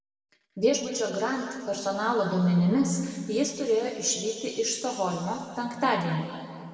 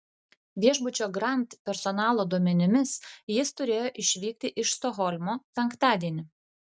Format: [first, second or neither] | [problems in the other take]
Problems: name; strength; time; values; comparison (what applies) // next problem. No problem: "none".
second | room echo; dies away in 2.2 s